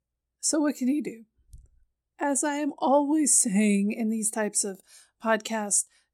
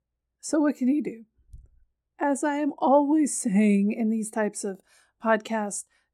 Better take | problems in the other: first | muffled; slightly; fading above 3 kHz

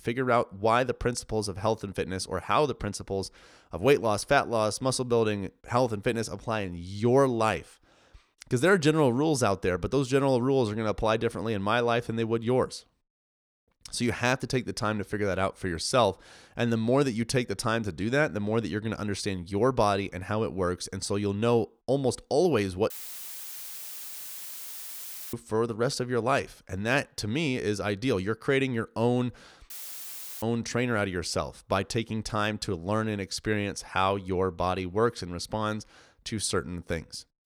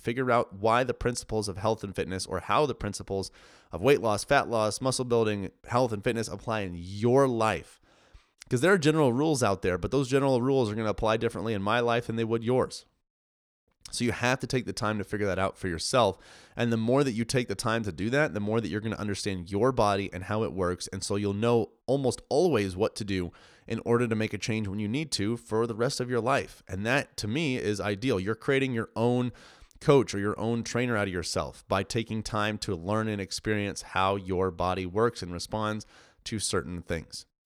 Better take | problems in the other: second | audio cutting out; filled with static; at 23 s for 2.5 s and at 30 s for 0.5 s

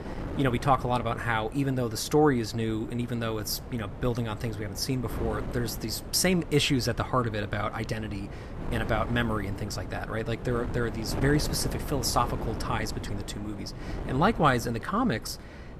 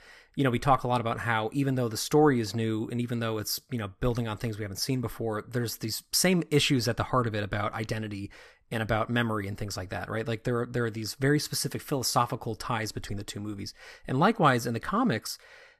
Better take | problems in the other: second | wind noise on the microphone; occasional gusts; 15 dB below the speech

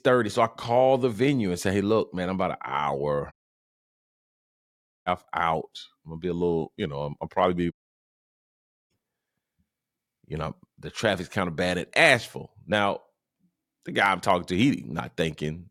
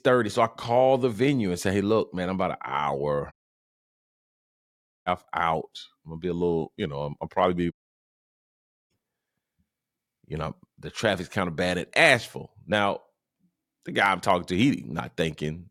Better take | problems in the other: neither | audio cutting out; at 3.5 s for 1.5 s and at 7.5 s for 1 s; the same in both

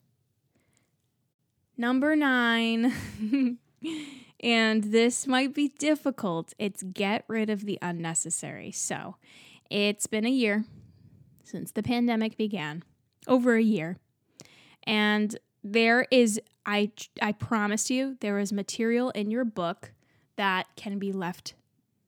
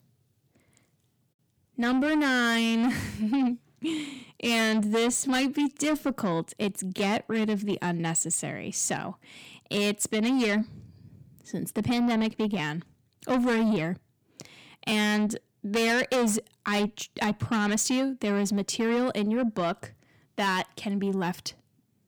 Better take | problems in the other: first | distortion; heavy; 8 dB below the speech

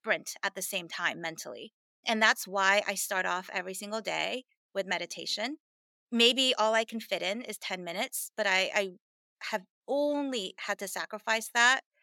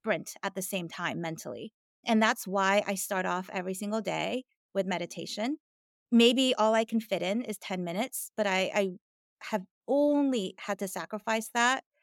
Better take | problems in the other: second | thin; very slightly; fading below 1 kHz

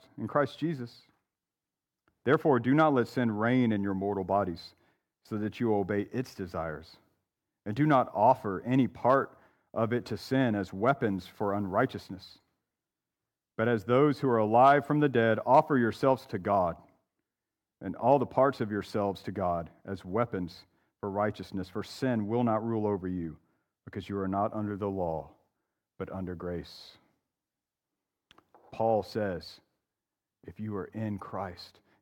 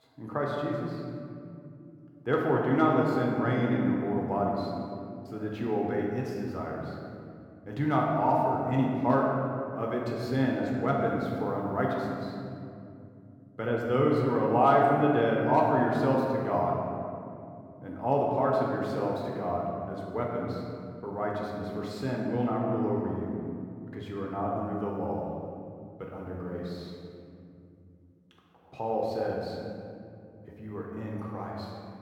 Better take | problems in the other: first | room echo; noticeable; dies away in 2.3 s // off-mic speech; somewhat distant

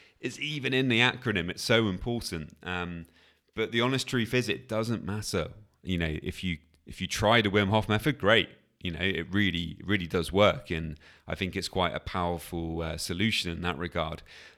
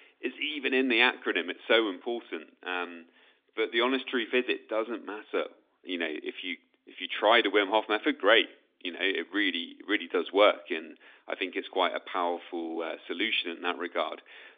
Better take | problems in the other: first | phone-call audio; nothing above 3.5 kHz

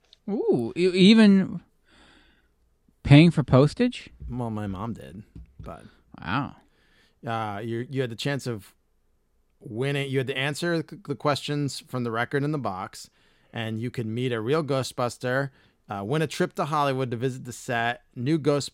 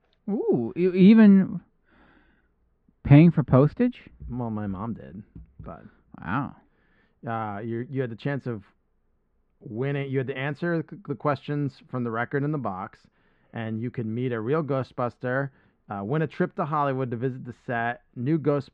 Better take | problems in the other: first | muffled; very; fading above 1.5 kHz

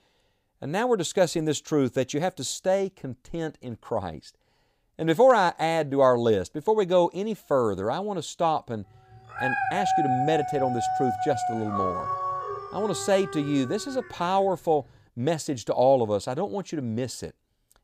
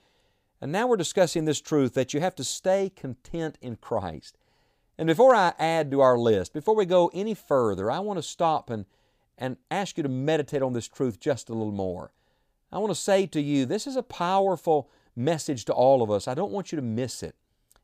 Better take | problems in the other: second | dog barking; loud; from 9.5 to 14 s; peak 1 dB above the speech

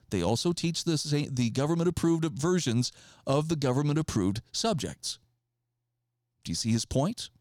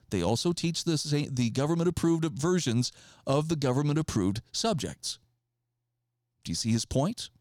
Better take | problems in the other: neither | none

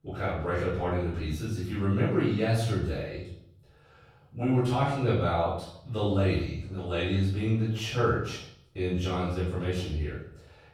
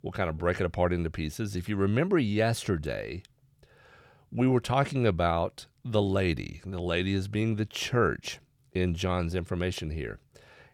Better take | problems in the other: second | off-mic speech; far // room echo; noticeable; dies away in 0.6 s

